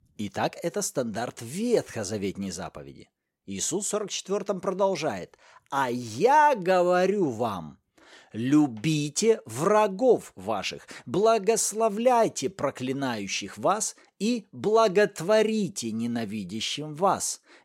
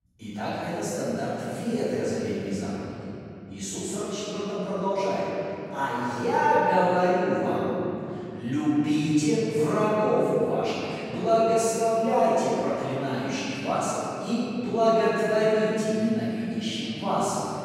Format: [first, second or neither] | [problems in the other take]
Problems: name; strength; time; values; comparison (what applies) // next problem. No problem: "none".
first | room echo; strong; dies away in 3 s // off-mic speech; far